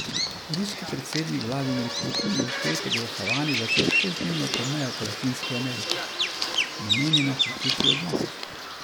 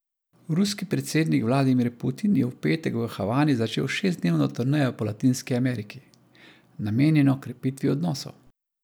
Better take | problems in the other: second | background sound (Bird vocalization, bird call, bird song); 3 dB above the speech

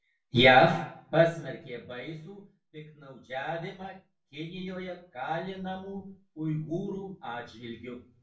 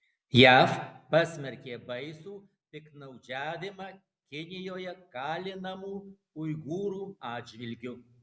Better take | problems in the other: second | room echo; dies away in 0.2 s

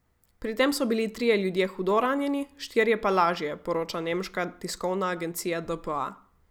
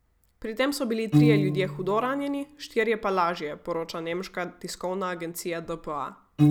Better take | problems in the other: first | background sound (Piano); 1 dB below the speech

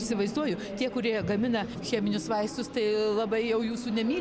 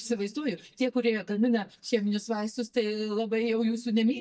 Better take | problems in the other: first | noise reduction (neural mask model DeepFilterNet 3)

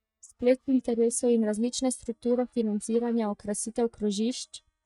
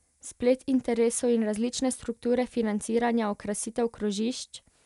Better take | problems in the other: second | noise reduction (neural mask model DeepFilterNet 3)

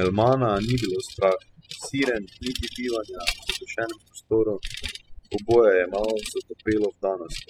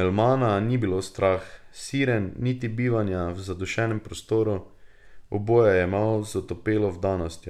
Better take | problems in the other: second | noise reduction (classical method spectral subtraction)

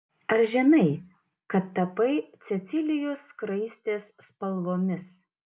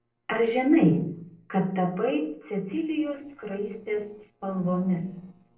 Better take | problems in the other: first | noise reduction (neural separator model SepFormer DNS4)

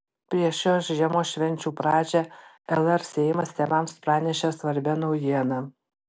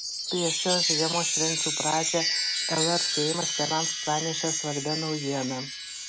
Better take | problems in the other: first | background sound (Chime); 1 dB above the speech

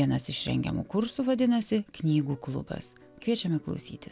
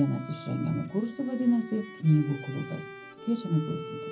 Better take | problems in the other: first | background sound (Bowed string instrument); 14 dB below the speech // room echo; dies away in 0.4 s

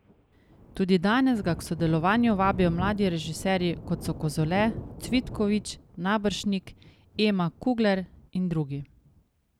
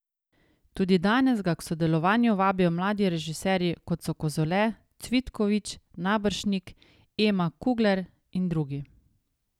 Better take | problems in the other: second | background sound (Thunder); 14 dB below the speech

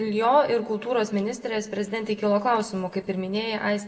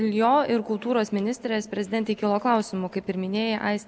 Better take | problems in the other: second | room echo; dies away in 0.6 s

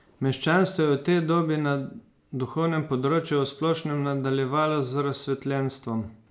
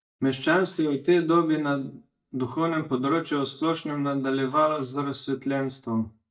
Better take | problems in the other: first | noise reduction (neural mask model DeepFilterNet 3)

